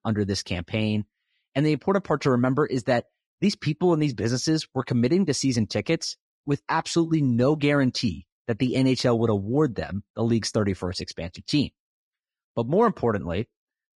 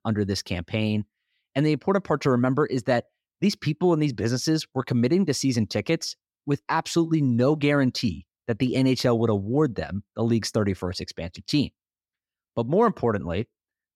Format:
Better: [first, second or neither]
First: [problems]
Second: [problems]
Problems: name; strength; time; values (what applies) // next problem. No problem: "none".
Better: second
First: garbled, watery; slightly; nothing above 10.5 kHz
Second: none